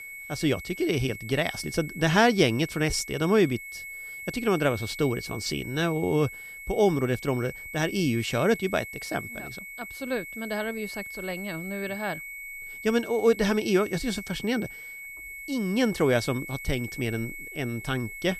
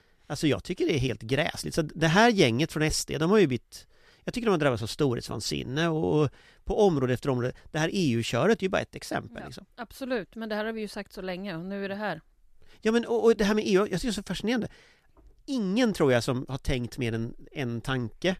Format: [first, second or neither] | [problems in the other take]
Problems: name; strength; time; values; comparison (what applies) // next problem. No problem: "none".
second | high-pitched whine; noticeable; throughout; 2 kHz, 10 dB below the speech